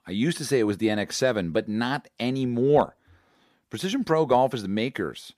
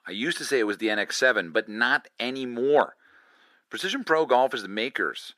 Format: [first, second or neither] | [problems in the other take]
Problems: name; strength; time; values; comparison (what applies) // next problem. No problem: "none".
first | thin; somewhat; fading below 350 Hz